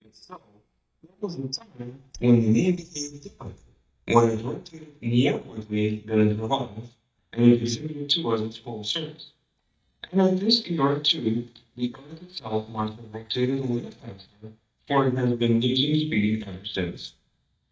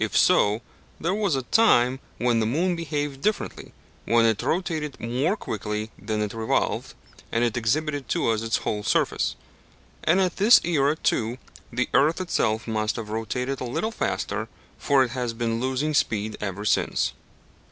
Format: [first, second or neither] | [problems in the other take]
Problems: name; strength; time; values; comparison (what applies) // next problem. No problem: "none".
second | noise reduction (neural mask model DeepFilterNet 3)